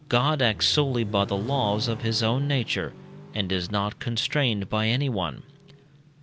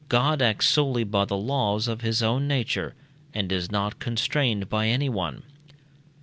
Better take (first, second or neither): second